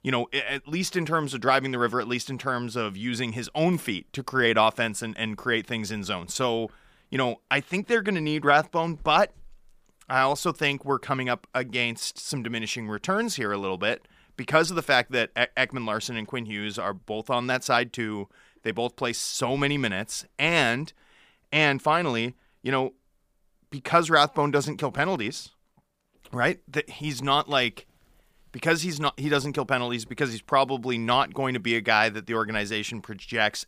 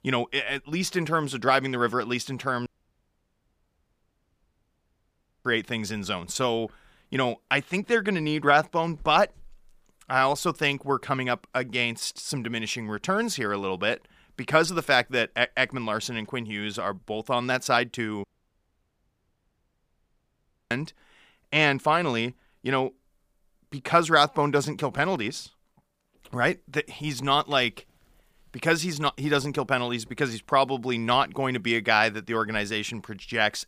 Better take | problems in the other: first | audio cutting out; at 2.5 s for 3 s and at 18 s for 2.5 s

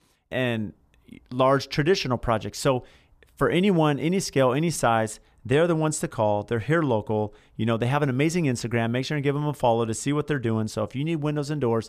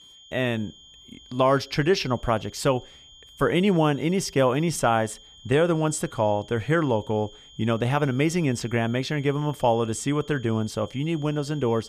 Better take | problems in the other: first | high-pitched whine; faint; throughout; 3 kHz, 25 dB below the speech

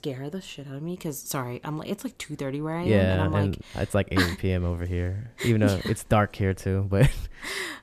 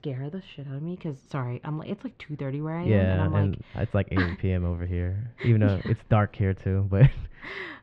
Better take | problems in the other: first | muffled; slightly; fading above 3 kHz

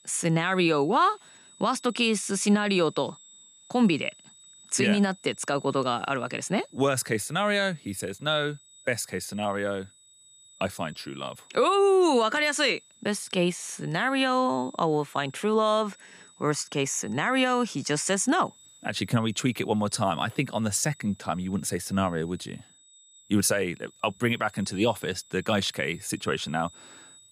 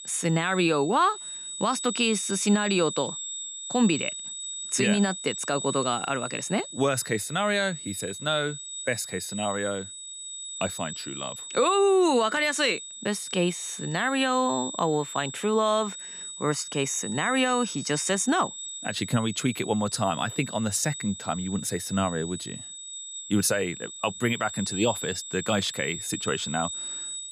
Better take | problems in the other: first | high-pitched whine; loud; throughout; 8 kHz, 8 dB below the speech; faint in the first

